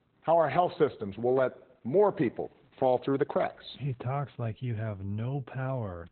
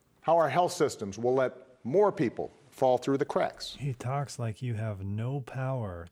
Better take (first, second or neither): second